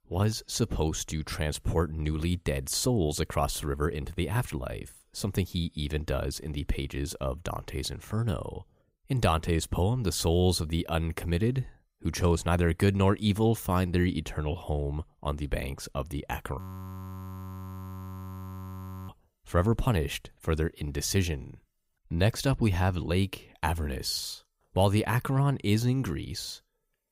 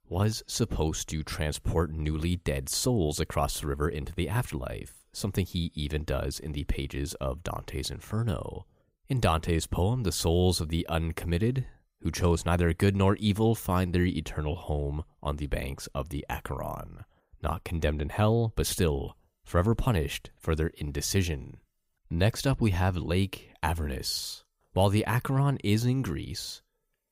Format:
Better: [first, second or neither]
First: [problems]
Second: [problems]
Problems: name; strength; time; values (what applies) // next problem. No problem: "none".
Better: second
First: audio freezing; at 17 s for 2.5 s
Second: none